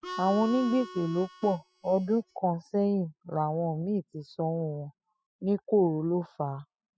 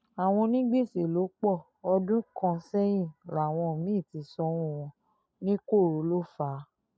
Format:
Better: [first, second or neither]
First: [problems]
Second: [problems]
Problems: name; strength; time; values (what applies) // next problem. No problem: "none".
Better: second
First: noise reduction (classical method spectral subtraction)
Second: none